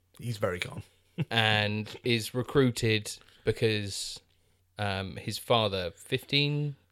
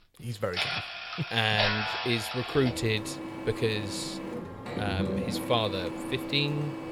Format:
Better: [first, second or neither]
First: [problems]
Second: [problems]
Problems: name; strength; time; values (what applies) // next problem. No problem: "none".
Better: first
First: none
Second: household noises; loud; throughout; 3 dB below the speech